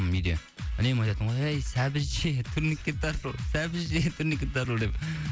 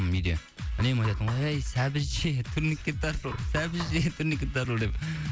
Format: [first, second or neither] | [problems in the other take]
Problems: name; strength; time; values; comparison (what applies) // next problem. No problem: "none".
first | background sound (Knock); 17 dB below the speech